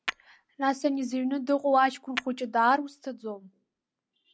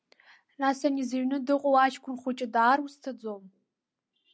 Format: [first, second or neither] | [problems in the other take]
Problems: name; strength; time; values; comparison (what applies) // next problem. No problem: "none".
second | background sound (Tap / Hammer); 15 dB below the speech